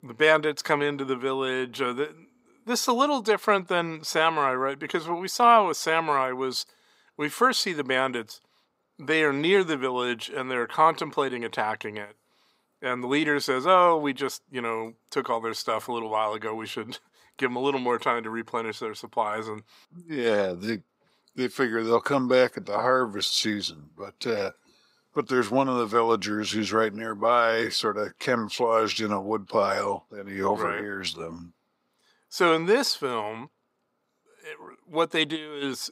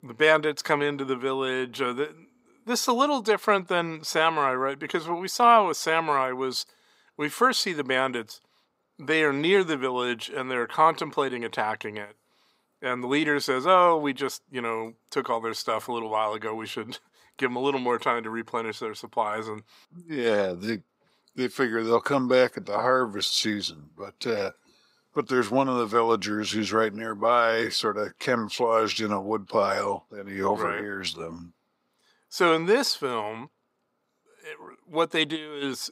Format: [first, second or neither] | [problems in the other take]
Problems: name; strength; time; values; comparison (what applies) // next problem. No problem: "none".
neither | thin; somewhat; fading below 300 Hz; the same in both